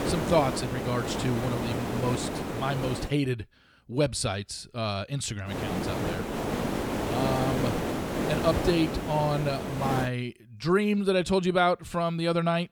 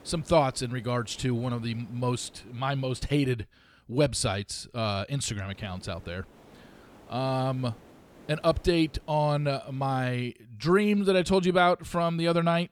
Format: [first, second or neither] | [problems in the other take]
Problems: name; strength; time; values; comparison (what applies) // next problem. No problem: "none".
second | hiss; loud; until 3 s and from 5.5 to 10 s; 3 dB below the speech; faint in the second